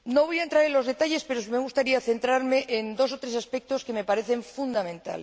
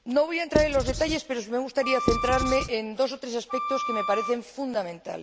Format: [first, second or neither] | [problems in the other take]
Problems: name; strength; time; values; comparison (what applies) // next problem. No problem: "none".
first | background sound (Writing + Wind instrument, woodwind instrument); 4 dB below the speech